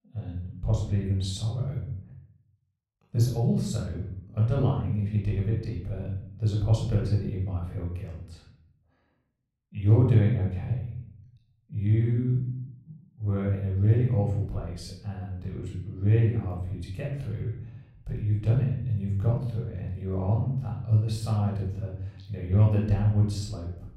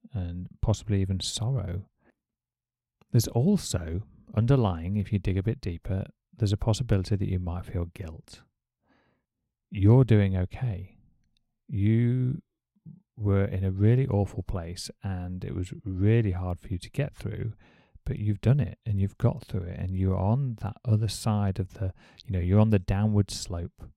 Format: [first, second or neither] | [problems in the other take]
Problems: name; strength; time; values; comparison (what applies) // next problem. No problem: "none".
second | off-mic speech; far // room echo; noticeable; dies away in 0.7 s